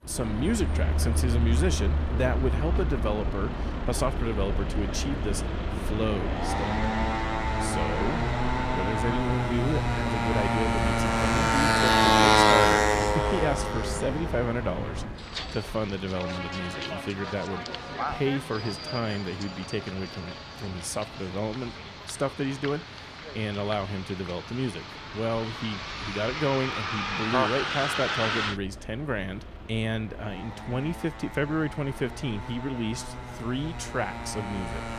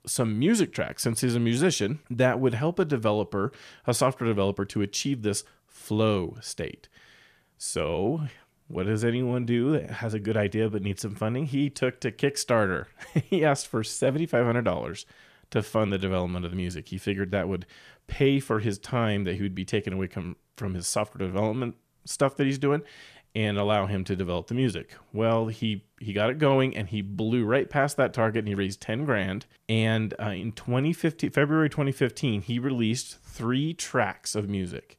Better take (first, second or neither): second